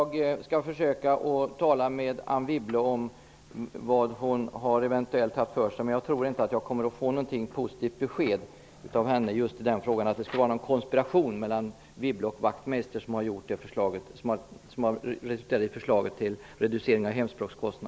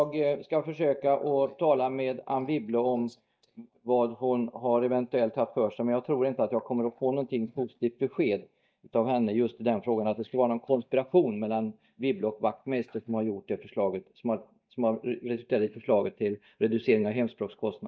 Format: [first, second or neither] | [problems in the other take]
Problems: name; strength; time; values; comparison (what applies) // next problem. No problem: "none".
first | noise reduction (neural mask model DeepFilterNet 3)